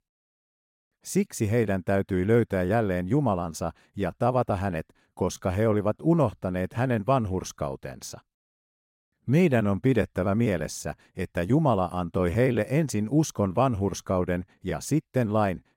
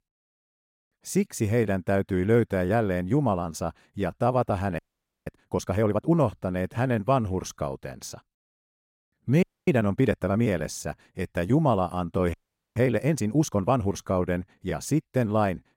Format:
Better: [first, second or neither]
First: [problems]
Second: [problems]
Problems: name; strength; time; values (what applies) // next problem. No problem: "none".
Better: first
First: none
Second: audio freezing; at 5 s, at 9.5 s and at 12 s